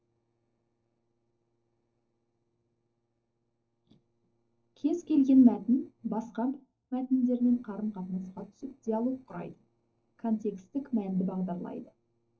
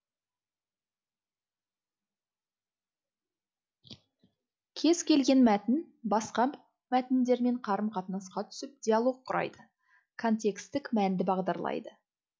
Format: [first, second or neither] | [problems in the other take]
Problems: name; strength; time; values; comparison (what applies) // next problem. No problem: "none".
second | noise reduction (neural separator model SepFormer DNS4)